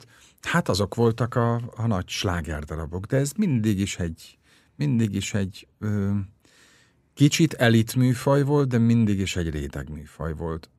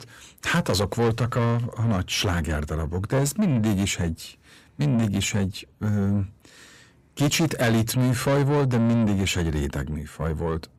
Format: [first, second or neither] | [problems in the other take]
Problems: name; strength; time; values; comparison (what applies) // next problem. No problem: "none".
first | distortion; heavy; 7 dB below the speech